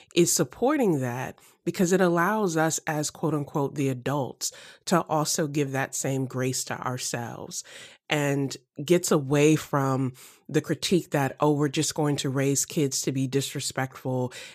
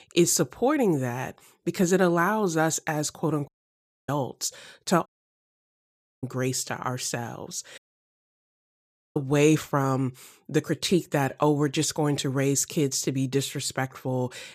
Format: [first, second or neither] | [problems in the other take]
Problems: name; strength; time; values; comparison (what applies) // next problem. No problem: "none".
first | audio cutting out; at 3.5 s for 0.5 s, at 5 s for 1 s and at 8 s for 1.5 s